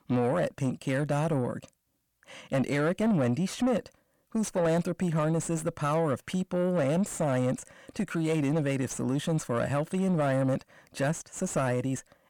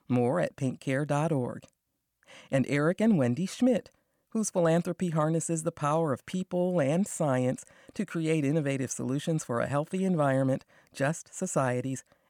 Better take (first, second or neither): second